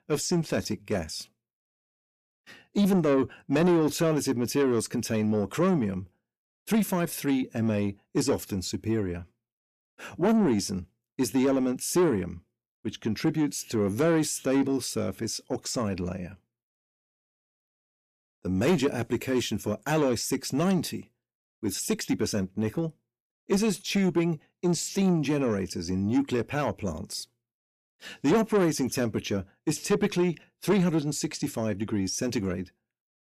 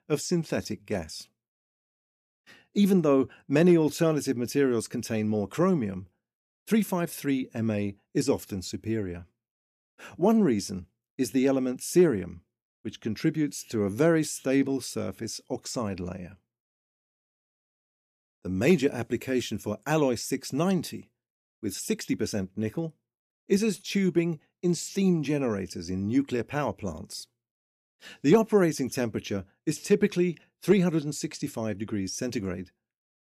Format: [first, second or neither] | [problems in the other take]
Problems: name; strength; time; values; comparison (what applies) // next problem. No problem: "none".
second | distortion; slight; 10 dB below the speech